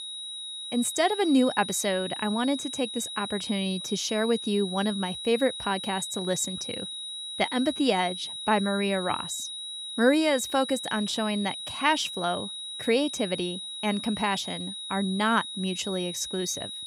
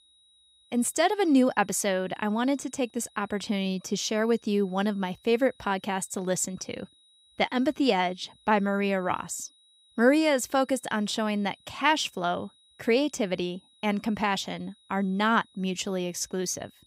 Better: second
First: high-pitched whine; loud; throughout; 4 kHz, 7 dB below the speech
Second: high-pitched whine; faint; throughout; 4 kHz, 30 dB below the speech

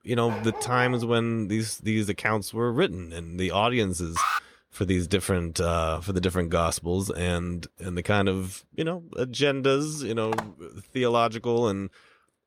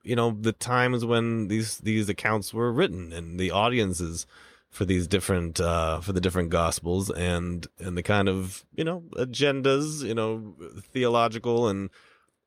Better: second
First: dog barking; noticeable; at 0.5 s; peak 8 dB below the speech // alarm; loud; at 4 s; peak level with the speech // phone ringing; noticeable; at 10 s; peak 7 dB below the speech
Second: none

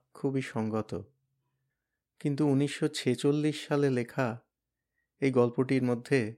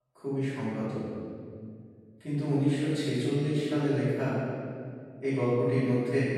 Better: first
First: none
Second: off-mic speech; far // room echo; strong; dies away in 2.1 s

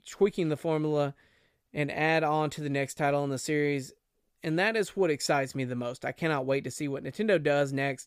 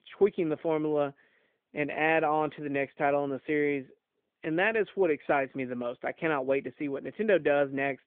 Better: first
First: none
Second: phone-call audio

